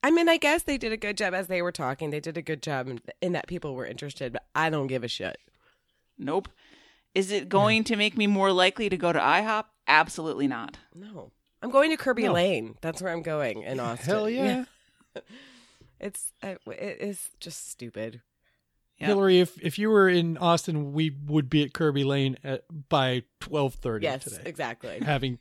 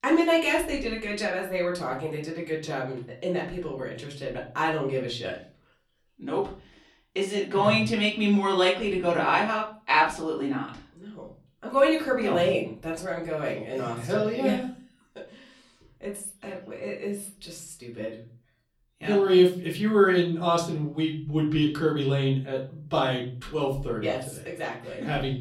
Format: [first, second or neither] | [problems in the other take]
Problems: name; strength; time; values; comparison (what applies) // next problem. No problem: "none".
first | off-mic speech; far // room echo; slight; dies away in 0.4 s